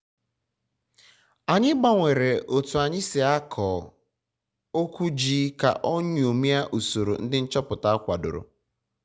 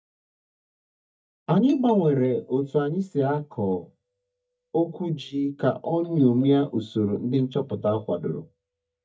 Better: first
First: none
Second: noise reduction (neural mask model DeepFilterNet 3)

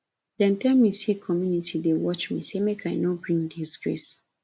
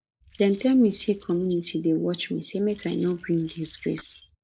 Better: first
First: none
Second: noise reduction (neural mask model Resemble Enhance denoiser)

